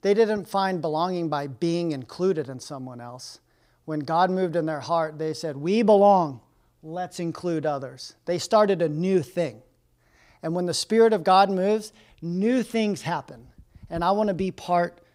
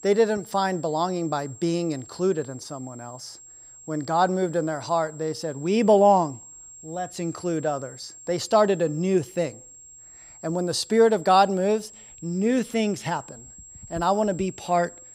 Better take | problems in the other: first | high-pitched whine; noticeable; throughout; 7.5 kHz, 20 dB below the speech

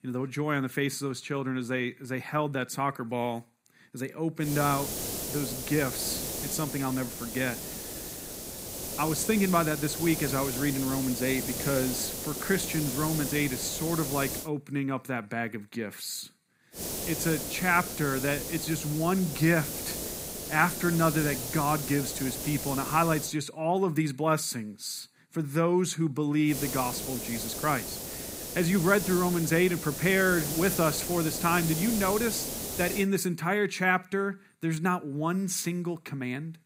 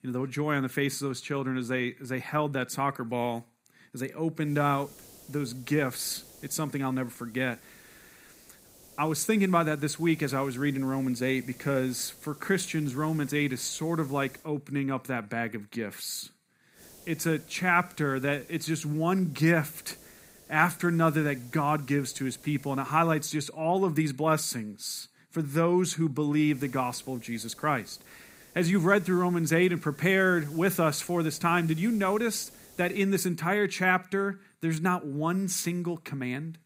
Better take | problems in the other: second | hiss; loud; from 4.5 to 14 s, from 17 to 23 s and from 27 to 33 s; 5 dB below the speech; faint in the second

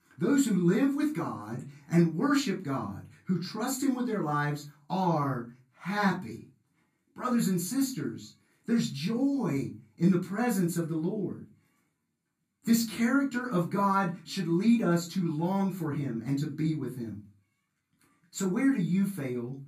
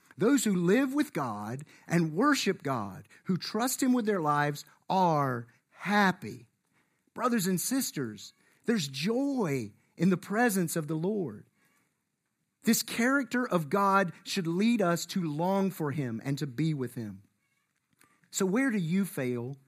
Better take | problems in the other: second | off-mic speech; far // room echo; very slight; dies away in 0.3 s

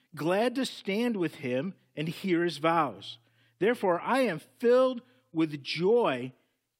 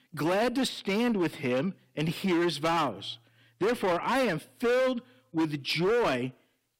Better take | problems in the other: first | distortion; heavy; 17% of the sound clipped

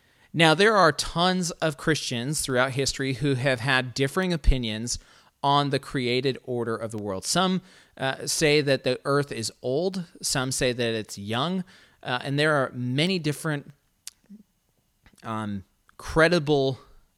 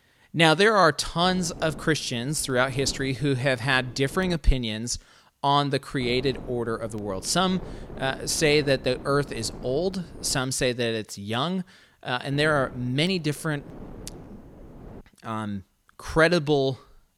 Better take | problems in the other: first | wind noise on the microphone; occasional gusts; from 1 to 4.5 s, from 6 to 10 s and from 12 to 15 s; 20 dB below the speech

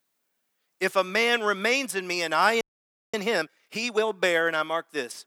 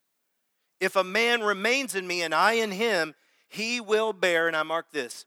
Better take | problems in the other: second | audio freezing; at 2.5 s for 0.5 s

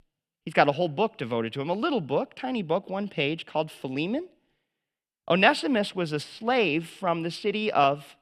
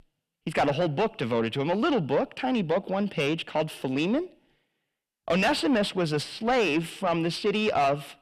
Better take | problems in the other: first | distortion; heavy; 6 dB below the speech

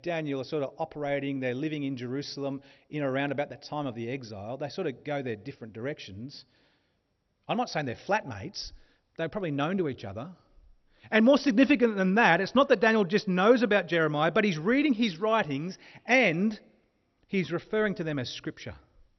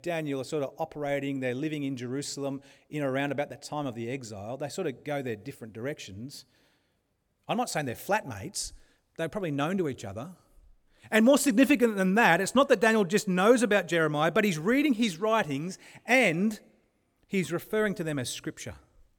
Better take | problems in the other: second | garbled, watery; slightly; nothing above 6 kHz

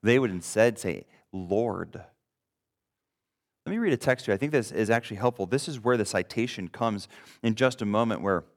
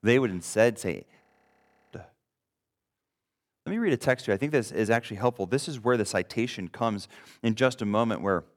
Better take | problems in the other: first | audio freezing; at 1 s for 0.5 s

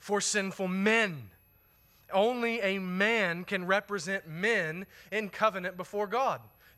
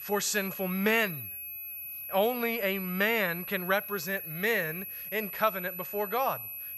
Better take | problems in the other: first | high-pitched whine; loud; throughout; 11.5 kHz, 7 dB below the speech; faint in the first

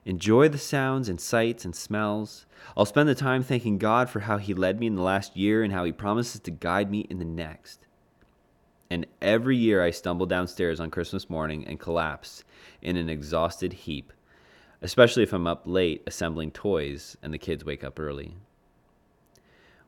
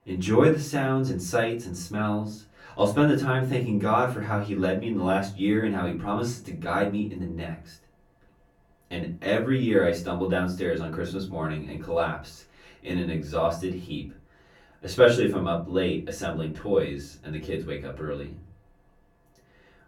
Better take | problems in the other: first | off-mic speech; far // room echo; slight; dies away in 0.3 s

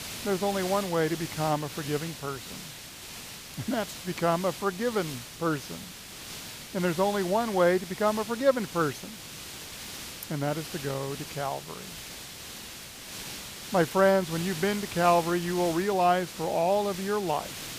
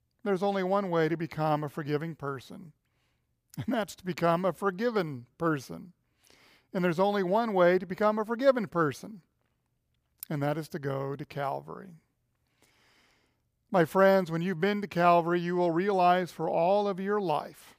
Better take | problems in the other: second | hiss; noticeable; throughout; 10 dB below the speech

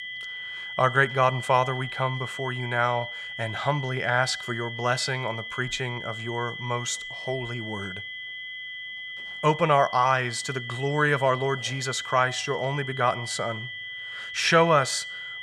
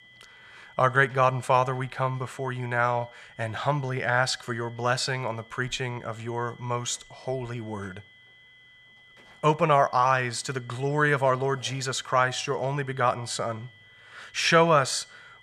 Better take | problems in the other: second | high-pitched whine; loud; throughout; 2 kHz, 9 dB below the speech; faint in the second

